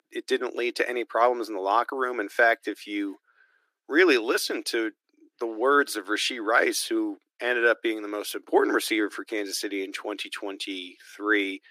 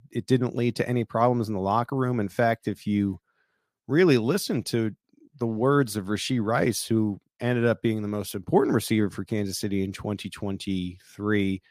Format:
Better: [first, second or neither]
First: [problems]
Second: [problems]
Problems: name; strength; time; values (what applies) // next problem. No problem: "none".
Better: second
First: thin; very; fading below 300 Hz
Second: none